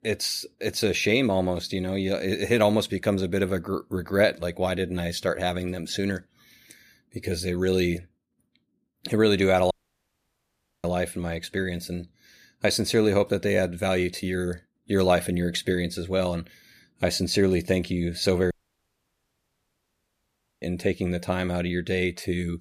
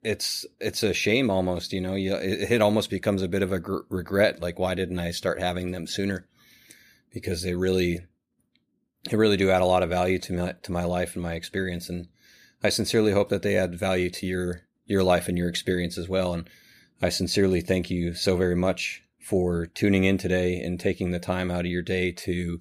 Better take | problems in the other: second | audio cutting out; at 9.5 s for 1 s and at 19 s for 2 s

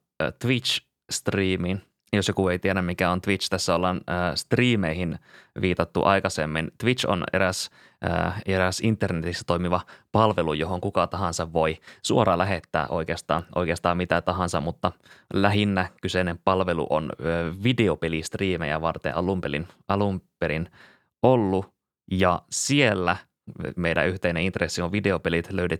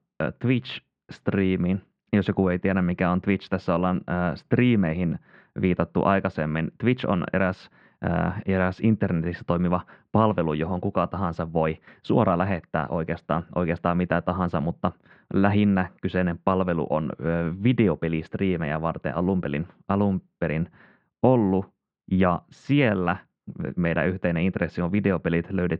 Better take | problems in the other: first | muffled; very; fading above 2.5 kHz

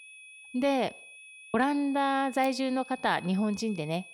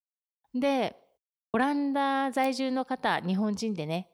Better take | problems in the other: second | high-pitched whine; noticeable; throughout; 2.5 kHz, 20 dB below the speech

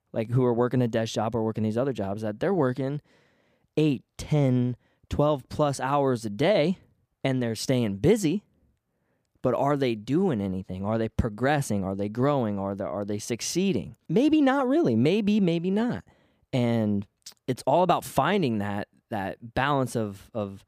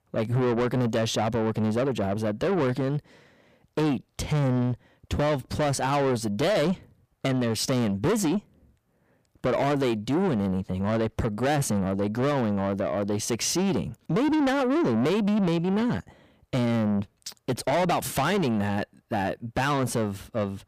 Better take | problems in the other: first | distortion; heavy; 7 dB below the speech

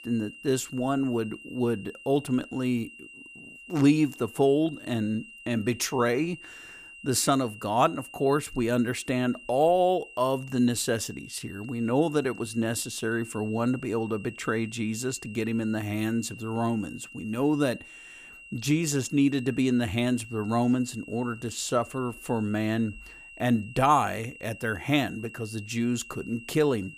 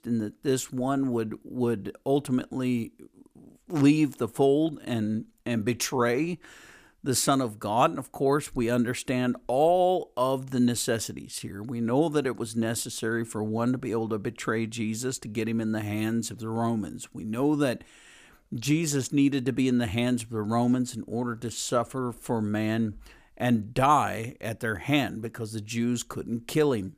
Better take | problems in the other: second | high-pitched whine; noticeable; throughout; 3 kHz, 15 dB below the speech

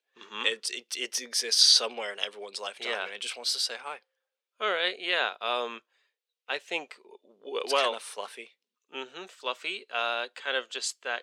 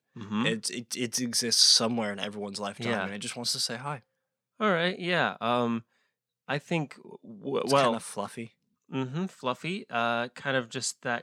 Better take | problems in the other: second | thin; very; fading below 400 Hz

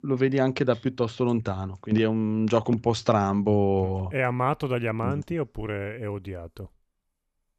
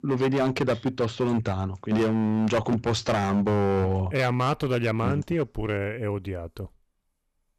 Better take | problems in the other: first | distortion; heavy; 11% of the sound clipped

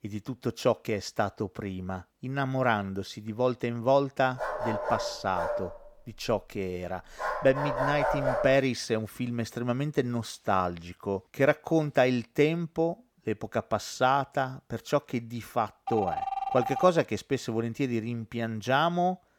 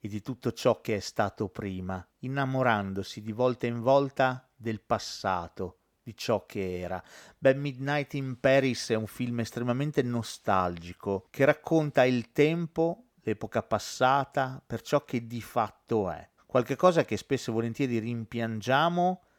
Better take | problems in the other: second | dog barking; loud; from 4.5 to 8.5 s; peak 1 dB above the speech // phone ringing; noticeable; at 16 s; peak 3 dB below the speech

